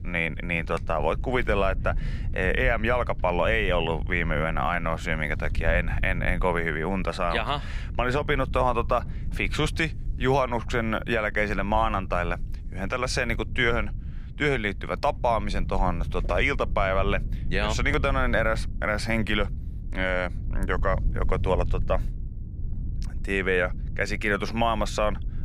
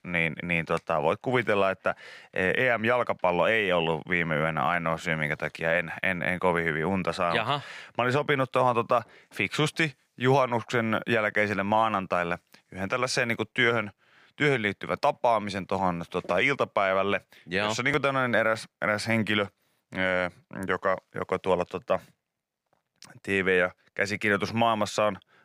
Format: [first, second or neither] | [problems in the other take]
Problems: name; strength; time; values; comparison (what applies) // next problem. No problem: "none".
second | low rumble; faint; throughout; 25 dB below the speech